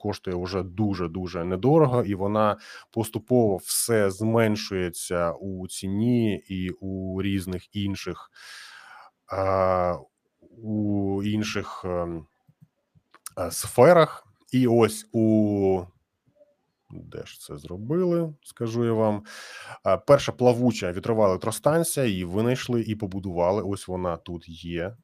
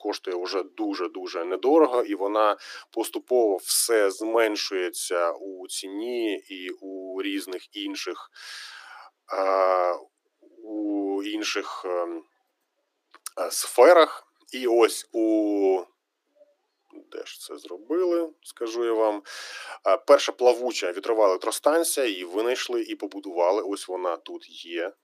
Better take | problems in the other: first | thin; somewhat; fading below 300 Hz

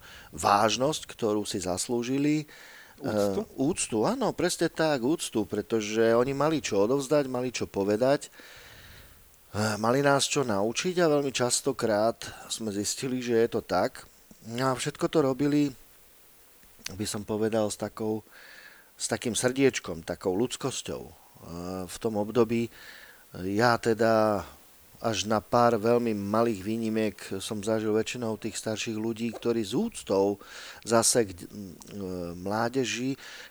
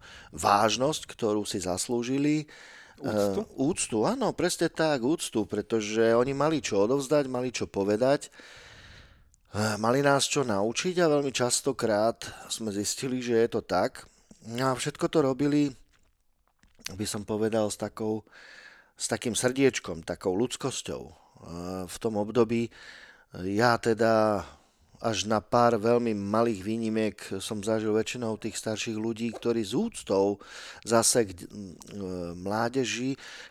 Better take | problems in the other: second | hiss; faint; throughout; 25 dB below the speech

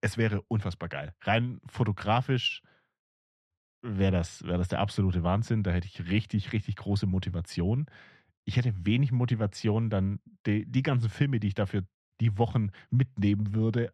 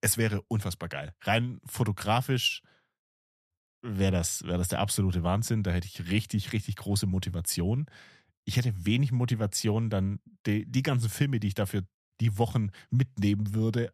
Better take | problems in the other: second | muffled; slightly; fading above 3 kHz

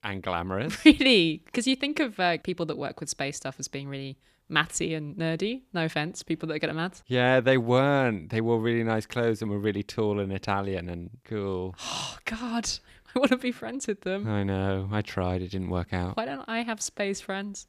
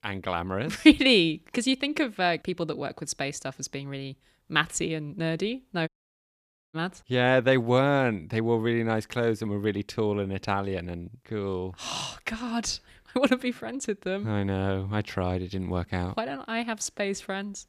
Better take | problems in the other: first | audio cutting out; at 6 s for 1 s

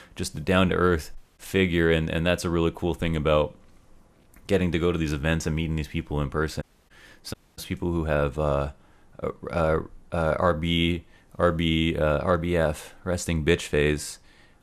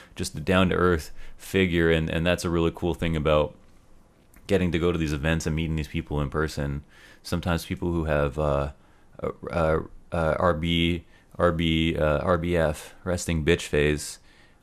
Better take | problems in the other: second | audio cutting out; at 1 s, at 6.5 s and at 7.5 s

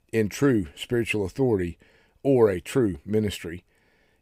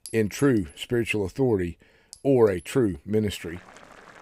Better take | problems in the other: first | household noises; faint; throughout; 25 dB below the speech

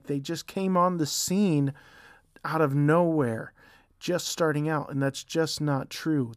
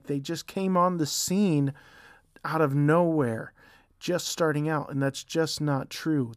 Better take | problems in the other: neither | none

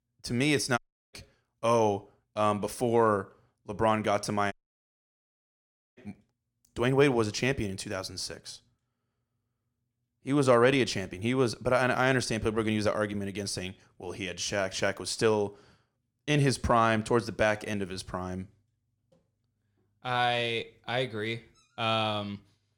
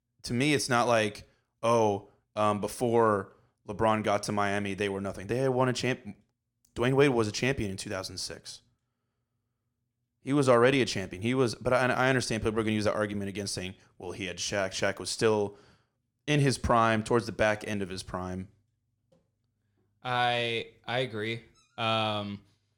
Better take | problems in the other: second | audio cutting out; at 1 s and at 4.5 s for 1.5 s

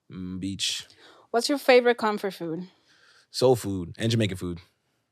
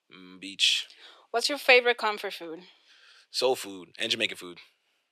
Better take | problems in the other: first | thin; somewhat; fading below 450 Hz

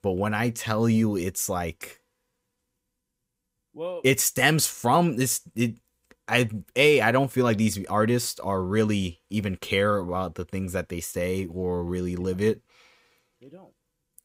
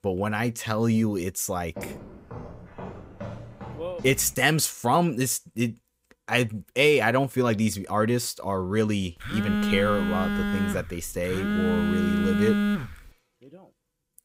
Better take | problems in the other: first | footsteps; faint; from 2 to 4.5 s; peak 15 dB below the speech // phone ringing; loud; from 9 to 13 s; peak 2 dB above the speech

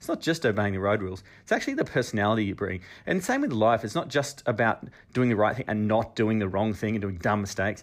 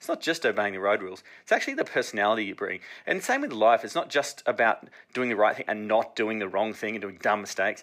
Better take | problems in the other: first | thin; somewhat; fading below 350 Hz

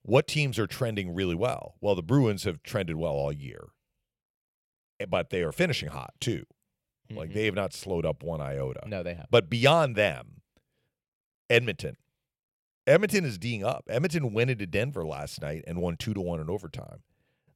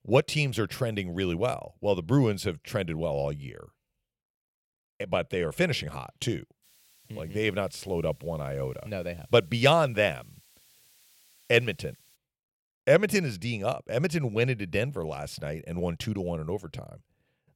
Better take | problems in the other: first | hiss; faint; from 6.5 to 12 s; 30 dB below the speech

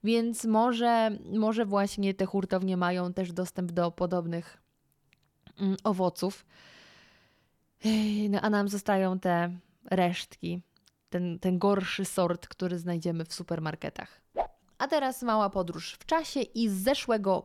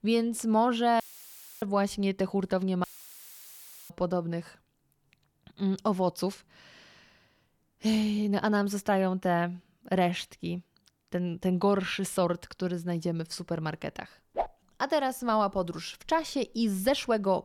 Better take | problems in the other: first | audio cutting out; filled with static; at 1 s for 0.5 s and at 3 s for 1 s

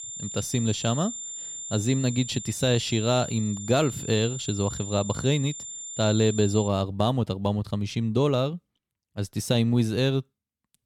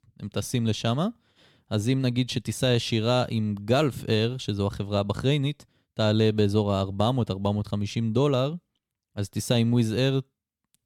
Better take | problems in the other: second | high-pitched whine; loud; until 6.5 s; 7 kHz, 9 dB below the speech

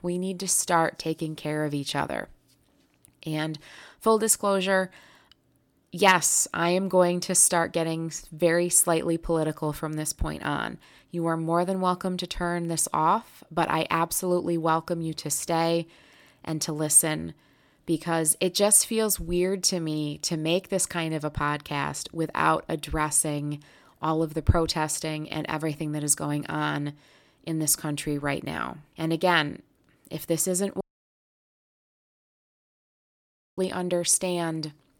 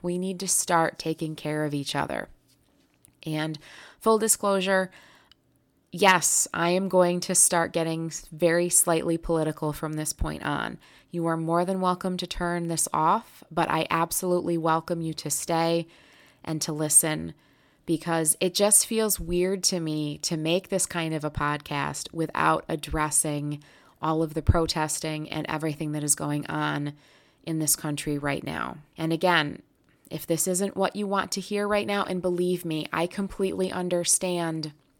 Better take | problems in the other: second | audio cutting out; at 31 s for 3 s

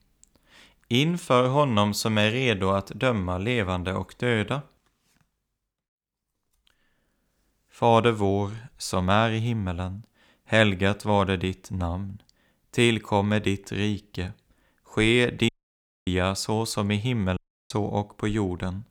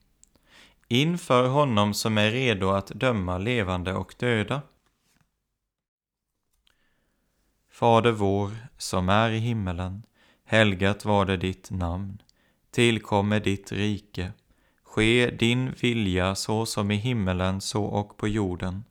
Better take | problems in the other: second | audio cutting out; at 15 s for 0.5 s and at 17 s

